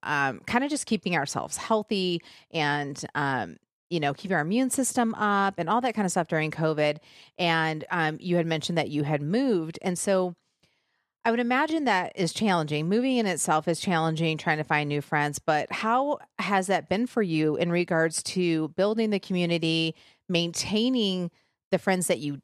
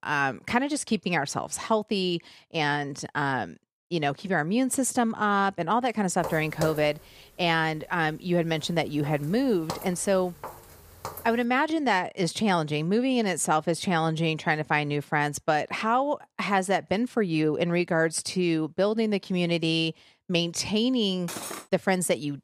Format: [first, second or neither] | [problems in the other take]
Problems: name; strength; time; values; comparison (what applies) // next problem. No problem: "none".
first | footsteps; noticeable; from 6 to 11 s; peak 7 dB below the speech // clattering dishes; noticeable; at 21 s; peak 8 dB below the speech